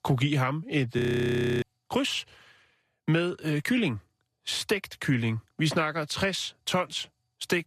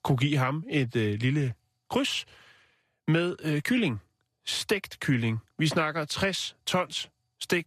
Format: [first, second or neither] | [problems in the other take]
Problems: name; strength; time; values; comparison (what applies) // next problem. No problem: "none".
second | audio freezing; at 1 s for 0.5 s